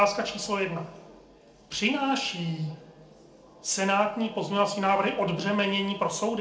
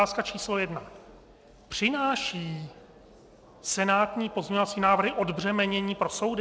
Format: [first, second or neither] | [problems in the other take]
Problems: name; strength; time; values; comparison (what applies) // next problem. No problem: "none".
second | room echo; dies away in 0.4 s